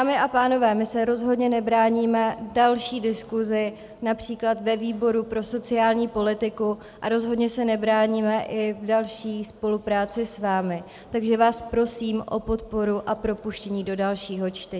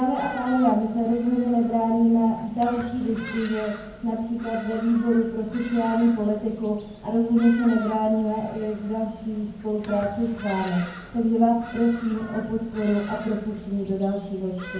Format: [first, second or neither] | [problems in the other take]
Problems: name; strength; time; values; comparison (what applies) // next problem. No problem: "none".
first | background sound (Bird vocalization, bird call, bird song); 18 dB below the speech // room echo; dies away in 0.9 s